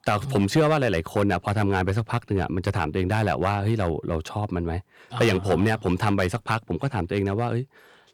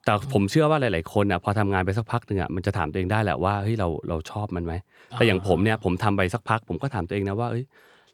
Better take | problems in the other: second | distortion; slight; 3% of the sound clipped

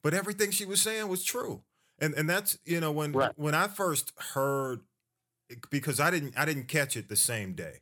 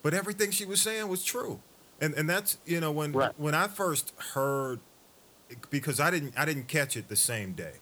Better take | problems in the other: first | hiss; faint; throughout; 25 dB below the speech

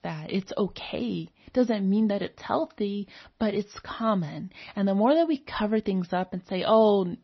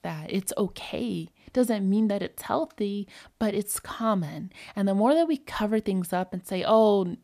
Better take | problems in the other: second | garbled, watery; slightly; nothing above 6 kHz

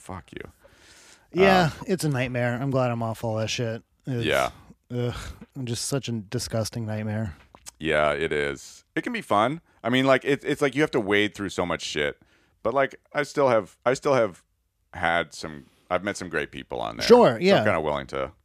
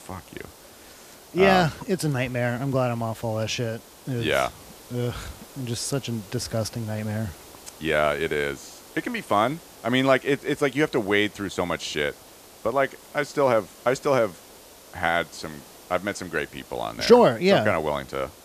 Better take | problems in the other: first | hiss; faint; throughout; 20 dB below the speech

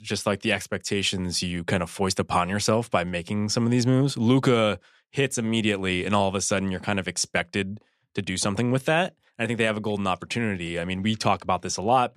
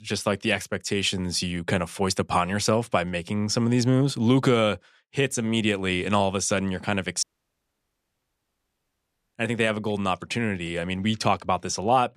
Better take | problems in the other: first | audio cutting out; at 7 s for 2 s

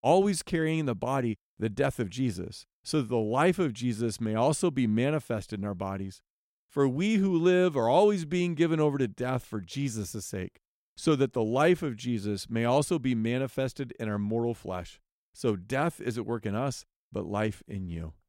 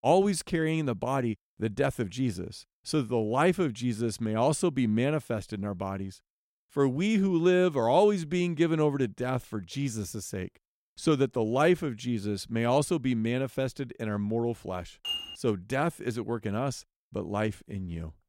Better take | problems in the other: first | clattering dishes; noticeable; at 15 s; peak 4 dB below the speech

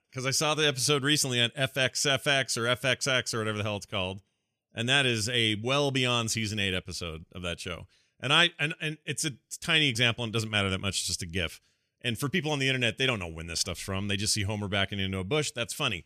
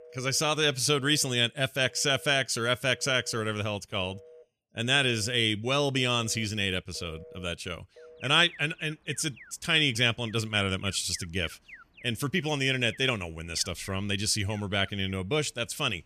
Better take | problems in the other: first | alarms or sirens; faint; throughout; 25 dB below the speech

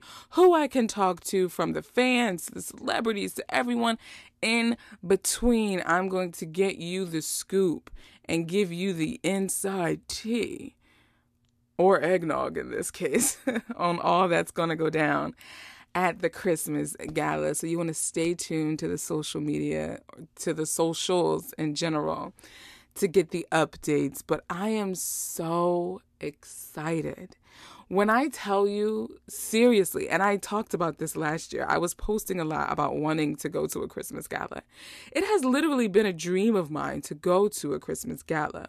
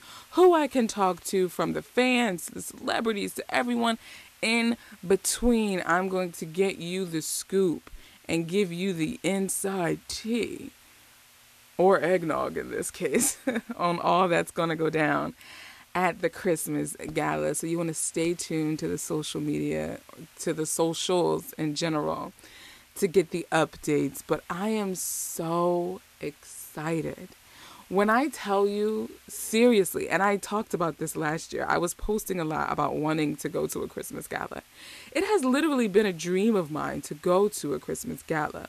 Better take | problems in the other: first | hiss; faint; throughout; 25 dB below the speech

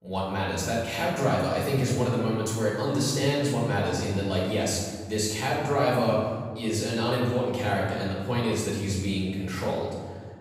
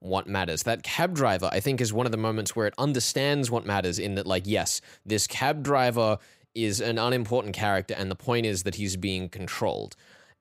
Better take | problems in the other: second | room echo; noticeable; dies away in 1.7 s // off-mic speech; far

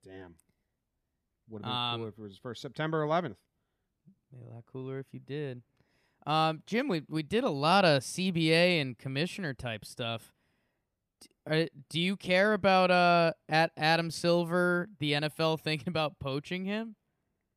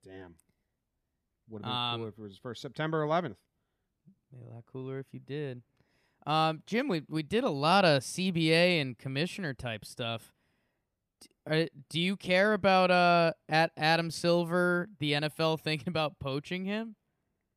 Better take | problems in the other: neither | none

